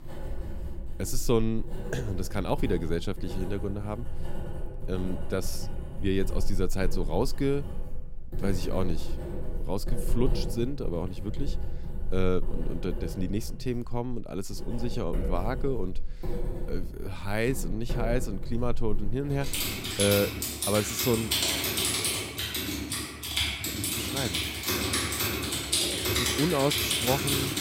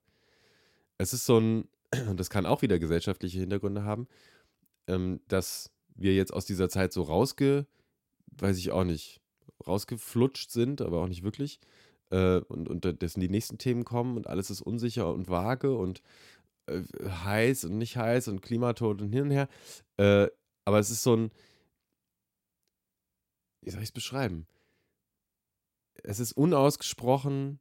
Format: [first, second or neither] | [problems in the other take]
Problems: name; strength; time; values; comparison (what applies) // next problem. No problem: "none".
second | household noises; very loud; throughout; as loud as the speech